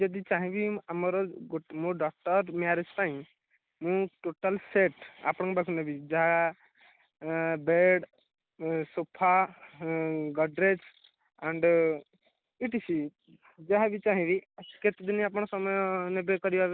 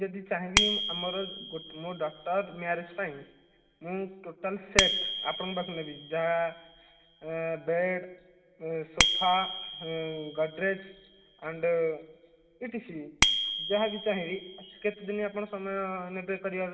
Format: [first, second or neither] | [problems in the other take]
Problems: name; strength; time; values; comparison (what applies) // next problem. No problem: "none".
first | background sound (Bicycle bell); 2 dB below the speech // room echo; dies away in 2.9 s